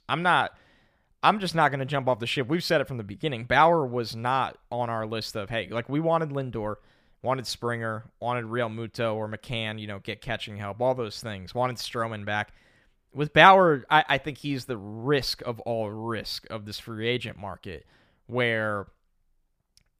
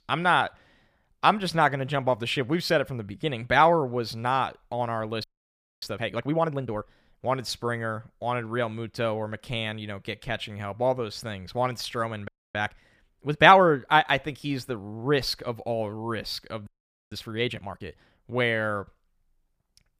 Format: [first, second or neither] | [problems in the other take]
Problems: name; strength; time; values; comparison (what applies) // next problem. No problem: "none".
first | audio freezing; at 5 s for 0.5 s, at 12 s and at 17 s